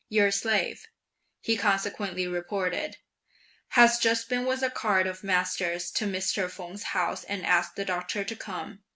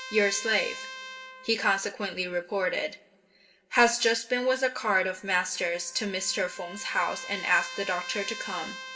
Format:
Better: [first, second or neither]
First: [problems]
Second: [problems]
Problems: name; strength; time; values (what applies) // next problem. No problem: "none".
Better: first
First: none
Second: background sound (Trumpet); 14 dB below the speech // room echo; dies away in 0.3 s